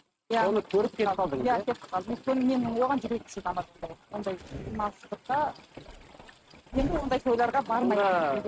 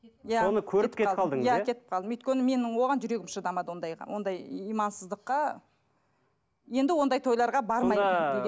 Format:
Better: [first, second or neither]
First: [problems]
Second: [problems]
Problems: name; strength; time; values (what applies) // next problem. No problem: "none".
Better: second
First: noise reduction (neural mask model RNNoise)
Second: none